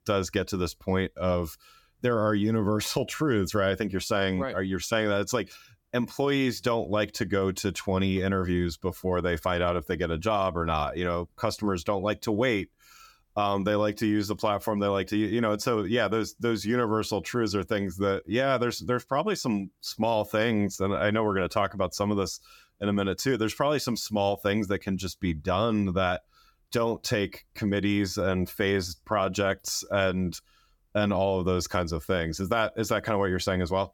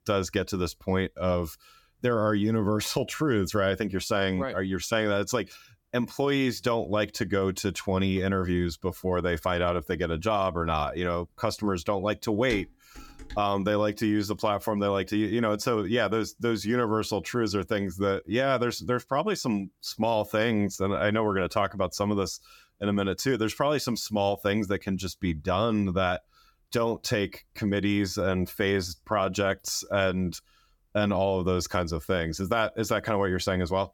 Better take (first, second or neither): first